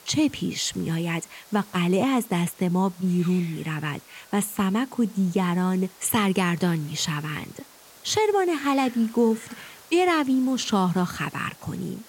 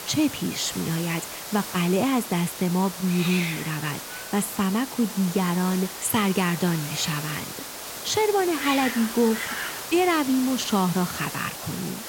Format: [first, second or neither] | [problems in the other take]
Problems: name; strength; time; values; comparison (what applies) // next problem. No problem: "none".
first | hiss; loud; throughout; 7 dB below the speech; faint in the first